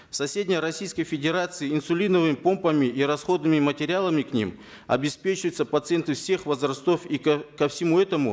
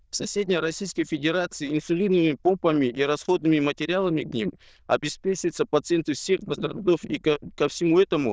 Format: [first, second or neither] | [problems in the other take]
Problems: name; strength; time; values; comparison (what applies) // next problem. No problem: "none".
first | noise reduction (neural diffusion model UNIVERSE++)